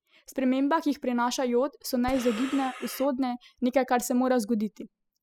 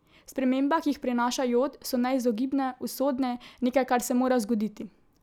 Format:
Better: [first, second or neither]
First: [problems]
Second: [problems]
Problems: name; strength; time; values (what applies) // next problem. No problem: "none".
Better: second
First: noise reduction (classical method spectral subtraction)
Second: none